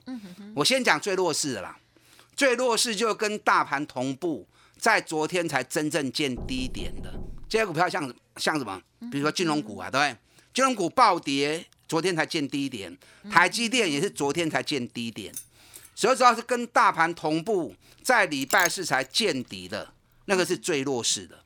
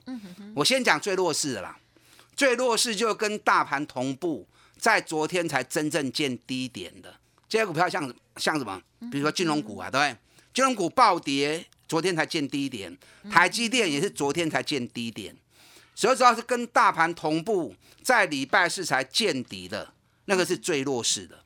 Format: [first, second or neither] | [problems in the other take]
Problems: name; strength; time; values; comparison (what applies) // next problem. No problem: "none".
second | door banging; faint; from 6.5 to 7.5 s; peak 15 dB below the speech // jangling keys; faint; at 15 s; peak 15 dB below the speech // clattering dishes; noticeable; at 18 s; peak 5 dB below the speech